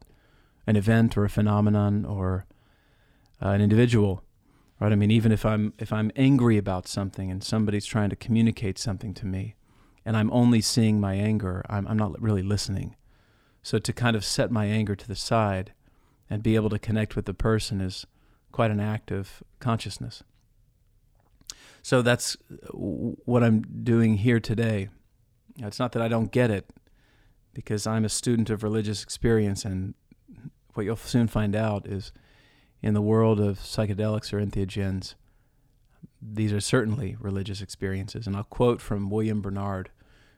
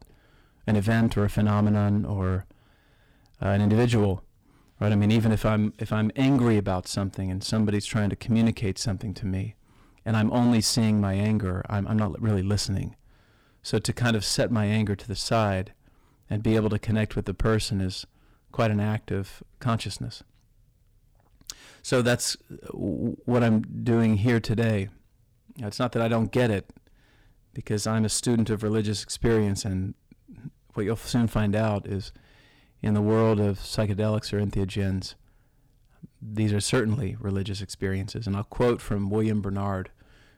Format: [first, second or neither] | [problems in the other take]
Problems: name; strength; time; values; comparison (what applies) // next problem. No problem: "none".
first | distortion; slight; 5% of the sound clipped